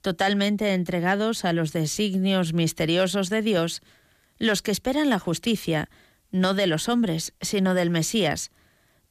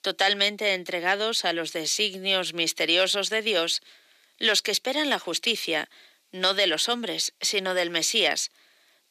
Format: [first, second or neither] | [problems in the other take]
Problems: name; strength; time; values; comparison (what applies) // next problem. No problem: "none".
first | thin; somewhat; fading below 350 Hz